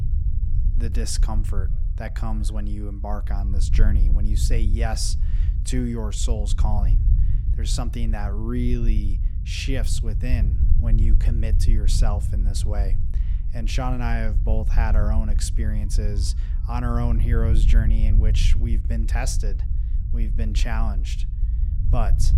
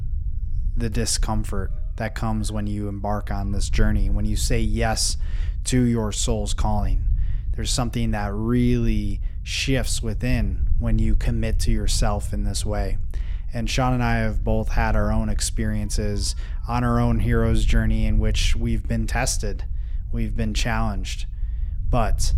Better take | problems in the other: second | low rumble; loud; throughout; 10 dB below the speech; faint in the second

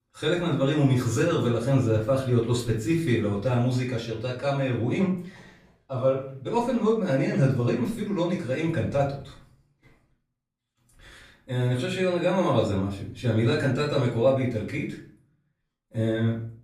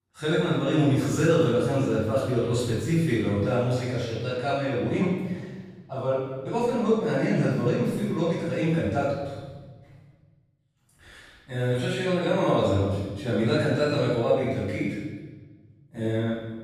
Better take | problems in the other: first | room echo; strong; dies away in 1.2 s; slight in the first // off-mic speech; far; far in the first

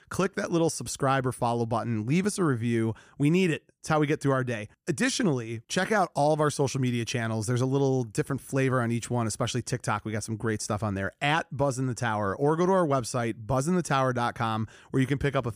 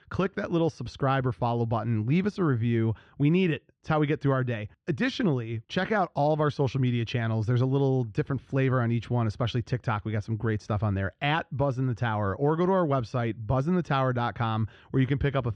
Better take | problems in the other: first | muffled; slightly; fading above 4 kHz

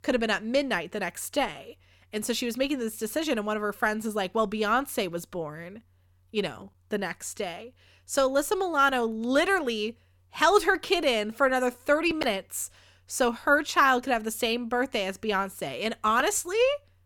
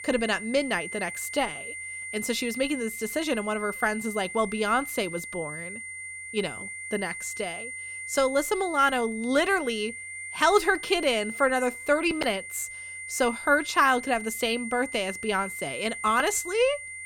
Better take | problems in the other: first | high-pitched whine; loud; throughout; 2 kHz, 9 dB below the speech

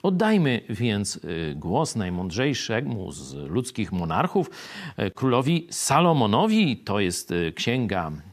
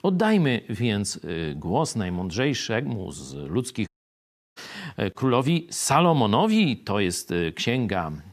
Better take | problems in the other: first | audio cutting out; at 4 s for 0.5 s

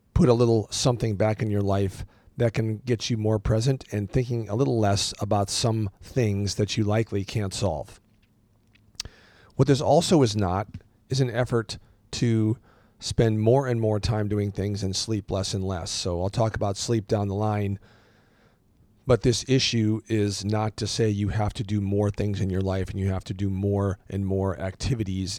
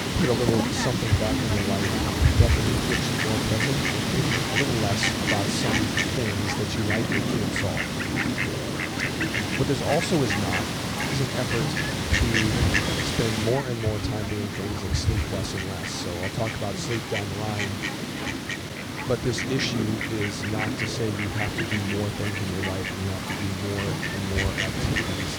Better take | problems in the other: first | animal sounds; very loud; throughout; 4 dB above the speech

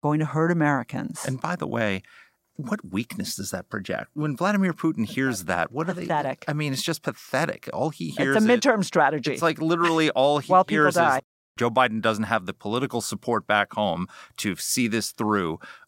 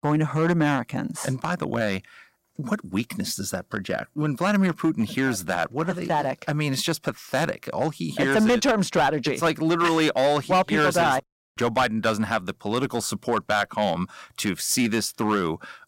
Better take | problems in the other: first | distortion; slight; 5% of the sound clipped

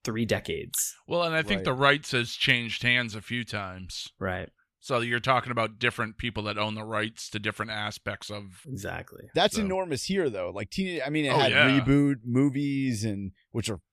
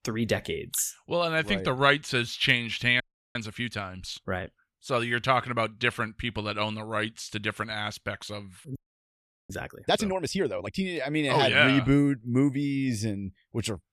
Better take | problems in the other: first | audio freezing; at 3 s and at 9 s for 0.5 s

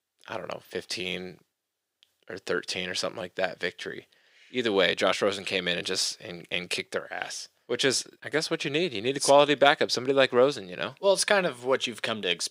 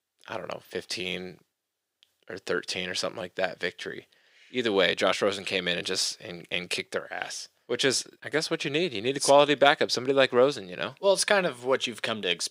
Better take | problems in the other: neither | thin; very; fading below 450 Hz; the same in both

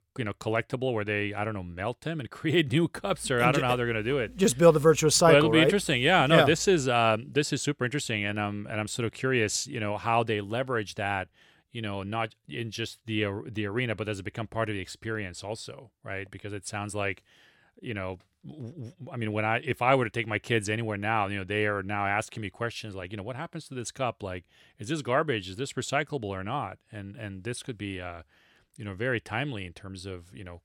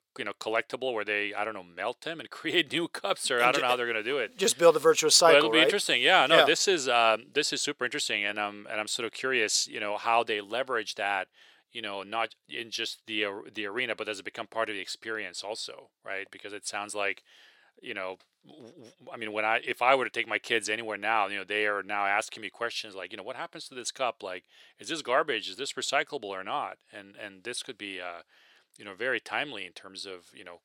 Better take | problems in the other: first | thin; somewhat; fading below 450 Hz

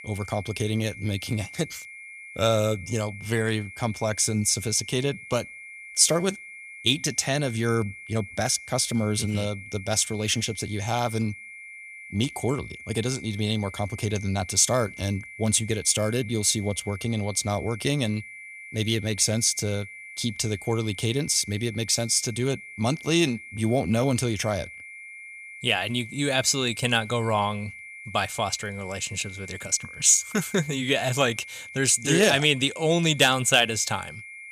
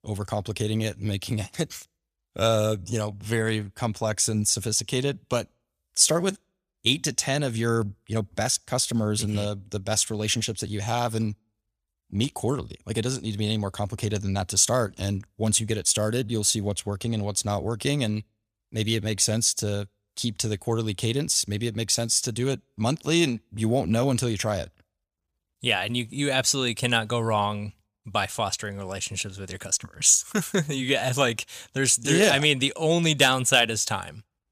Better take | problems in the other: second | high-pitched whine; noticeable; throughout; 2 kHz, 15 dB below the speech

